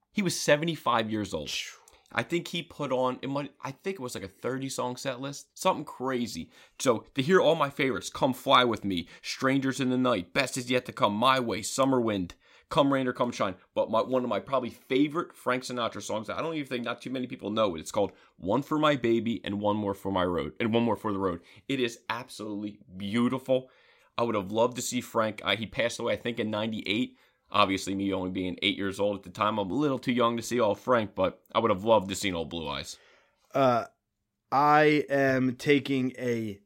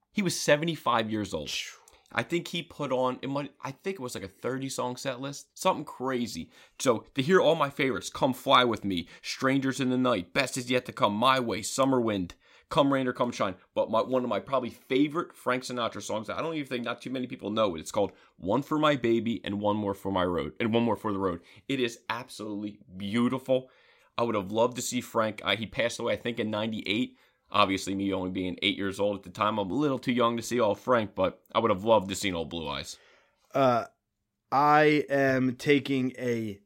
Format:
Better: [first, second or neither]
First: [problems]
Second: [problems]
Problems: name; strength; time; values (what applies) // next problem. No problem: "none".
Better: neither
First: none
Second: none